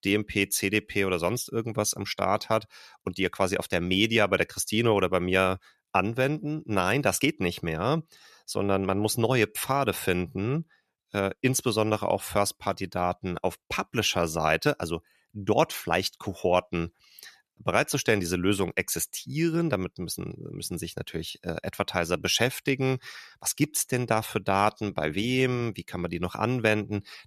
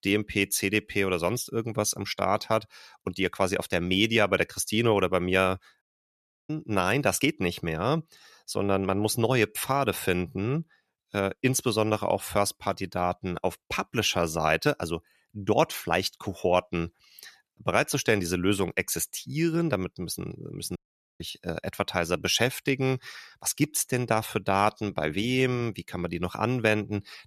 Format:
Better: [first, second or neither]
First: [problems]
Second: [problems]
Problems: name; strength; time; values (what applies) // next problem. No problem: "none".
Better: first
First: none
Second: audio cutting out; at 6 s for 0.5 s and at 21 s